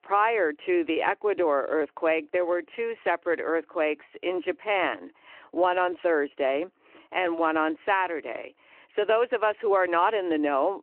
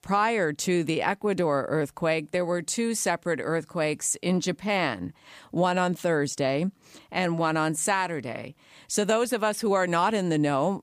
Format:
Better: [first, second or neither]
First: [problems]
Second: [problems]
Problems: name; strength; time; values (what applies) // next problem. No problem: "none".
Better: second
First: phone-call audio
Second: none